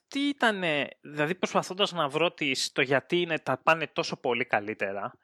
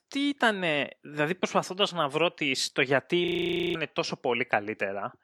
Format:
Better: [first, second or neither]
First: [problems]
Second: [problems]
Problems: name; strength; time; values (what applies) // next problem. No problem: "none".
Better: first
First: none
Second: audio freezing; at 3.5 s for 0.5 s